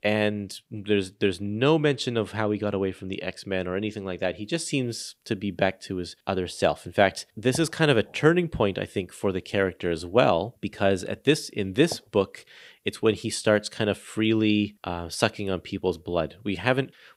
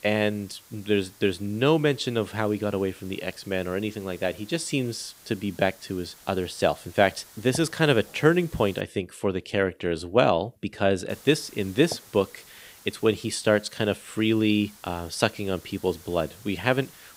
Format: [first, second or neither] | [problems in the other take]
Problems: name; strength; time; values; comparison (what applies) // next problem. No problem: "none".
first | hiss; faint; until 9 s and from 11 s on; 25 dB below the speech